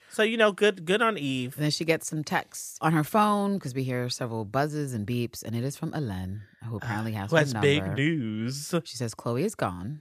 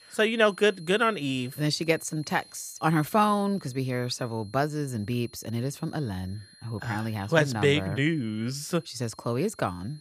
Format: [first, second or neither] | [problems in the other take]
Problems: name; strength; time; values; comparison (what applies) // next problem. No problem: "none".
first | high-pitched whine; faint; throughout; 4 kHz, 25 dB below the speech